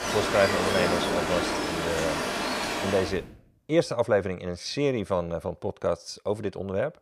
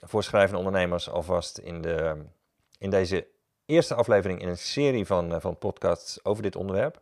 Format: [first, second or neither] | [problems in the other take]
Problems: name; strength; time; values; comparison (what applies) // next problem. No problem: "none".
second | rain or running water; very loud; until 3 s; 1 dB above the speech